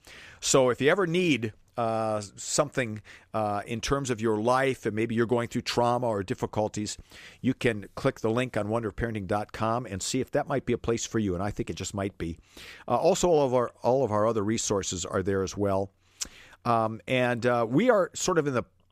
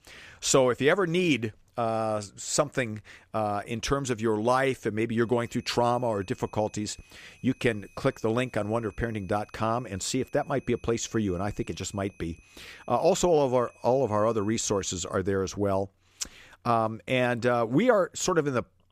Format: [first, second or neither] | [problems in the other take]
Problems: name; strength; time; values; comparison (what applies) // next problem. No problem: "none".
first | high-pitched whine; faint; from 5.5 to 15 s; 2.5 kHz, 30 dB below the speech